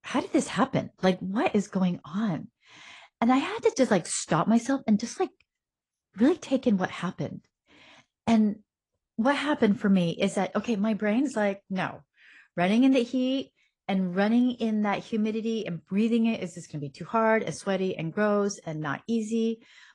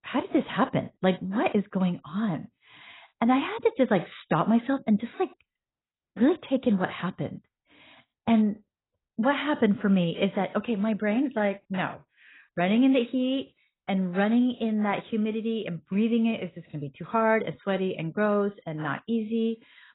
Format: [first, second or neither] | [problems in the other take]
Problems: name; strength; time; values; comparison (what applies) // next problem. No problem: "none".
first | garbled, watery; badly; nothing above 4 kHz; slightly in the first